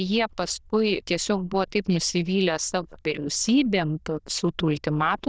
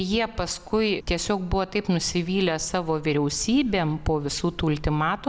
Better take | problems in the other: second | noise reduction (neural diffusion model UNIVERSE++)

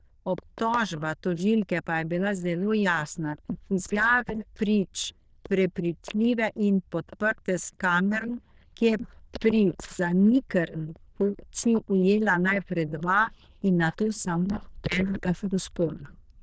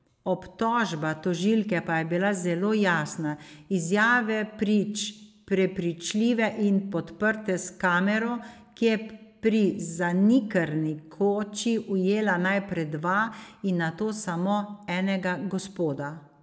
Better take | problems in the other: second | noise reduction (neural diffusion model UNIVERSE++)

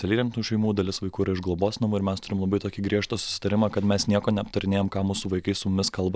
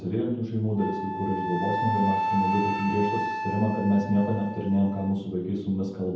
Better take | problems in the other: first | background sound (Wind instrument, woodwind instrument); 5 dB below the speech // room echo; dies away in 0.9 s

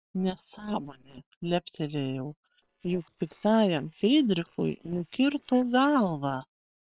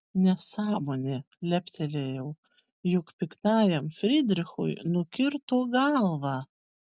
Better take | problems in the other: second | noise reduction (neural separator model SepFormer WHAM!)

